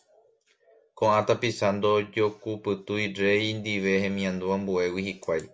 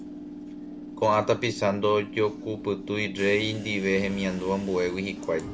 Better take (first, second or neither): first